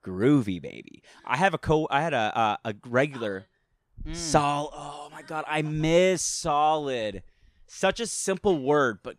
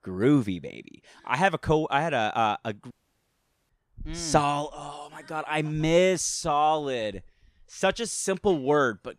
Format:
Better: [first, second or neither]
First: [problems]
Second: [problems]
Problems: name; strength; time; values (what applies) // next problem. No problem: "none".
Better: first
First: none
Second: audio cutting out; at 3 s for 1 s